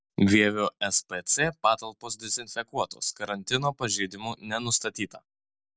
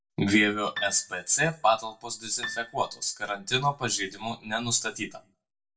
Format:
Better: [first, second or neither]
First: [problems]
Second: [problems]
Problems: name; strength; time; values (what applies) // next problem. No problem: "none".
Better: first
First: none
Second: background sound (Piano); 15 dB below the speech // room echo; dies away in 0.2 s